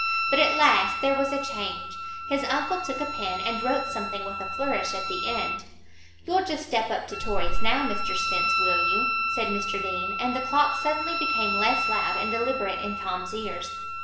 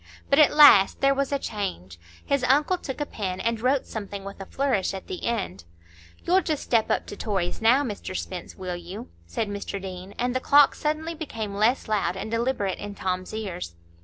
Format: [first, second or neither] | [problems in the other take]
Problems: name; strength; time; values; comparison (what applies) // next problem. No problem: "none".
second | background sound (Wind instrument, woodwind instrument); 2 dB below the speech // room echo; dies away in 0.8 s